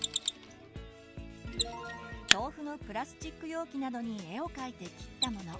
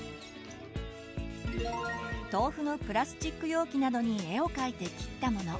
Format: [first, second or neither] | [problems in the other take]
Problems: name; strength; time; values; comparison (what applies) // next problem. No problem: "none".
second | background sound (Mechanisms); 2 dB above the speech